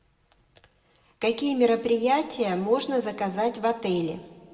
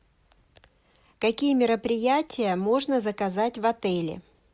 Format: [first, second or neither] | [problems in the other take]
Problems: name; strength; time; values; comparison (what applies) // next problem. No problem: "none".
second | room echo; dies away in 1.1 s